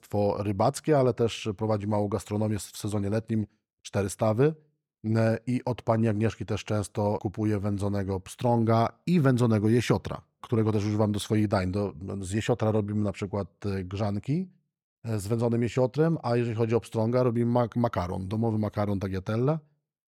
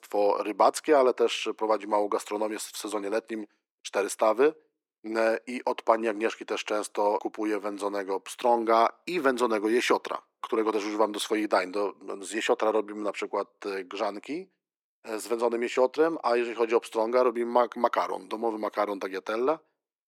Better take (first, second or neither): first